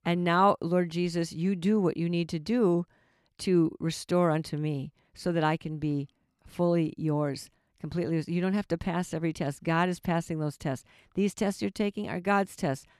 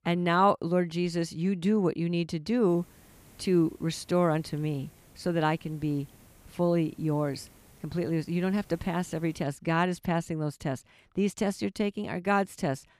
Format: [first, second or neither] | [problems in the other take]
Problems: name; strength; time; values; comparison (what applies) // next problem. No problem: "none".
first | hiss; faint; from 2.5 to 9.5 s; 25 dB below the speech